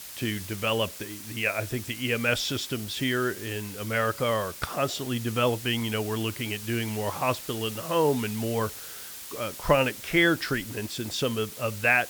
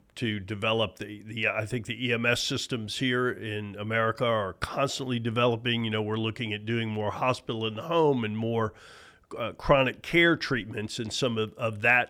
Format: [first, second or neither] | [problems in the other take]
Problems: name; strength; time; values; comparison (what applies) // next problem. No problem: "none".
second | hiss; noticeable; throughout; 10 dB below the speech